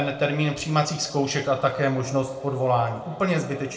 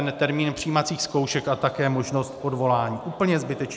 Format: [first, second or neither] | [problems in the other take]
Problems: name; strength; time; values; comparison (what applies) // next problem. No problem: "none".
second | room echo; dies away in 0.4 s